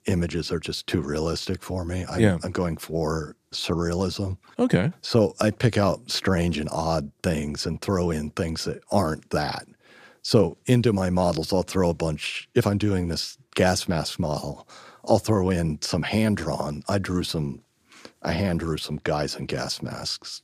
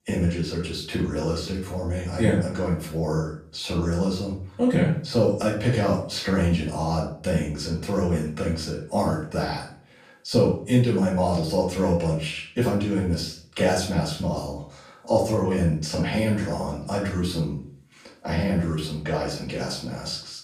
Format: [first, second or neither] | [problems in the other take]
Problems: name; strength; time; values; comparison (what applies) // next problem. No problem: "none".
first | off-mic speech; far // room echo; noticeable; dies away in 0.4 s